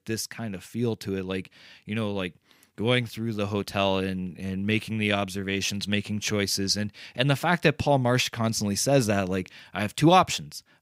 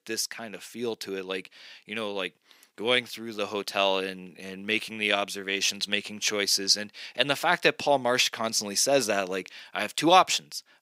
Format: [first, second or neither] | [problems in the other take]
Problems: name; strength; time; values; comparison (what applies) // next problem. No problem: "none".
first | thin; somewhat; fading below 400 Hz